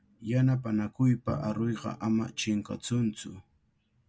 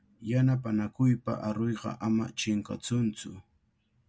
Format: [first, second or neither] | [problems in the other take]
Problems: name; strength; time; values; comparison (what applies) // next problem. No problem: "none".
second | background sound (Bowed string instrument); 15 dB below the speech